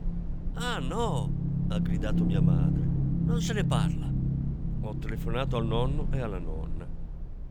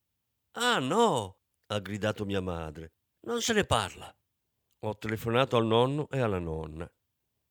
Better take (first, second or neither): second